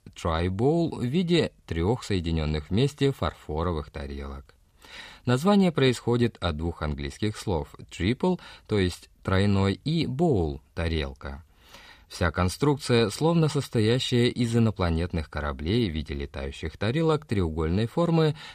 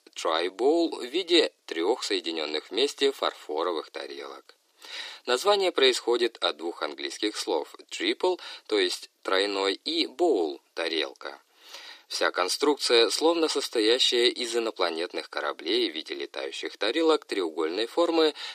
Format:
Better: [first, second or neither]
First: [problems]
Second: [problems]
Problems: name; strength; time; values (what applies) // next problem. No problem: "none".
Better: first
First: none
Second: thin; very; fading below 300 Hz